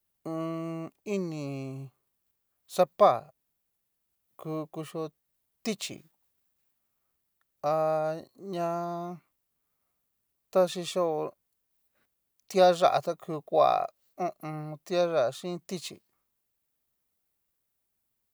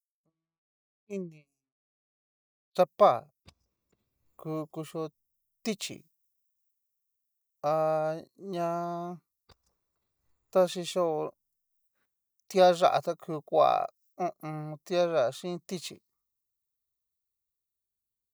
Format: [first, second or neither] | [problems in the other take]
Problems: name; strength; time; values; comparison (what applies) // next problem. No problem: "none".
first | noise reduction (neural mask model DeepFilterNet 3)